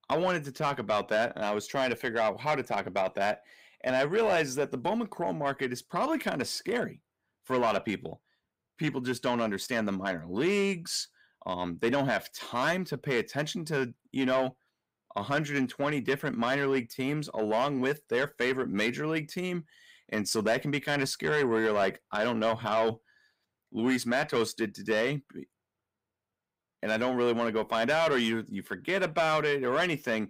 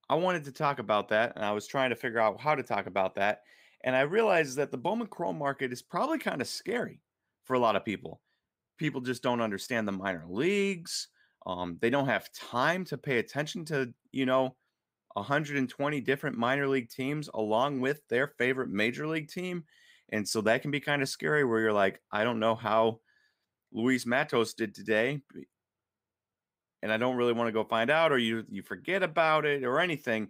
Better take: second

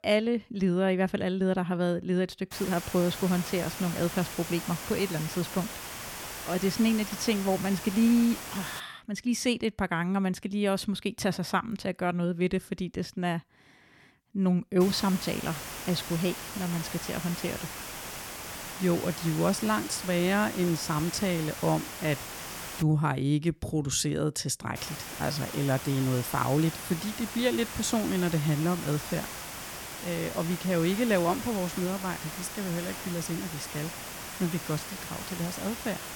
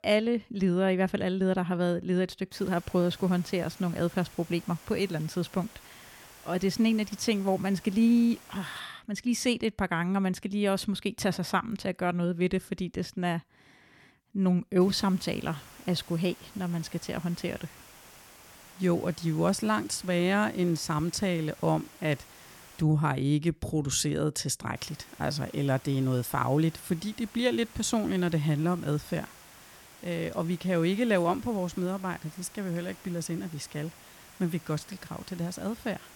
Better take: second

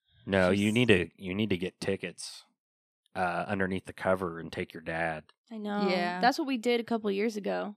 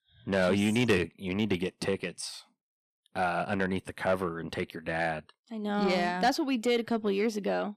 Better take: first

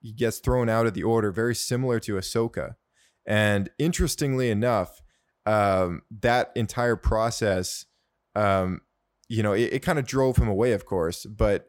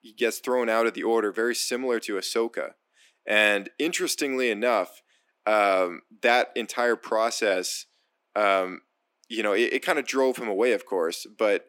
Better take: first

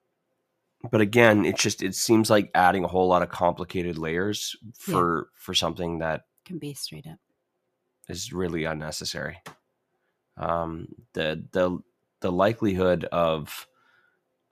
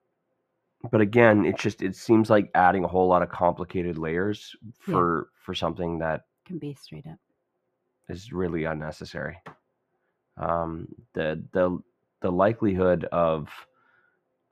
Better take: first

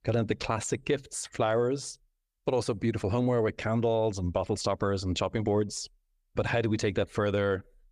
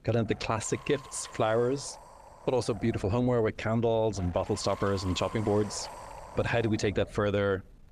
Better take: first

